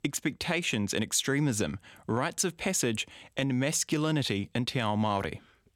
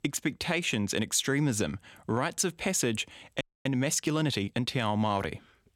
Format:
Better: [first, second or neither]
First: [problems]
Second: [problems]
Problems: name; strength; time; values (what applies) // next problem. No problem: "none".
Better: first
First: none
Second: audio freezing; at 3.5 s